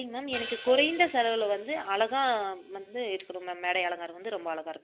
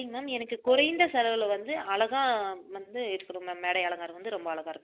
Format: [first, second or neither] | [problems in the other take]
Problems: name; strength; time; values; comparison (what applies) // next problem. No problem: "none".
second | background sound (Hi-hat); 16 dB below the speech